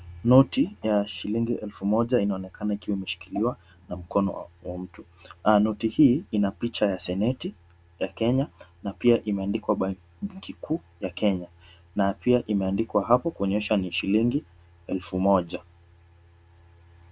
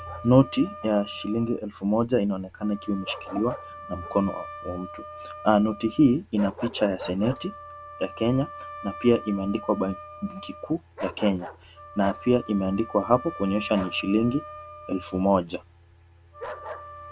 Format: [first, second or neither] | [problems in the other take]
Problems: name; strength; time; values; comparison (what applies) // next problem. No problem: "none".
first | background sound (Wind instrument, woodwind instrument + Bark); 14 dB below the speech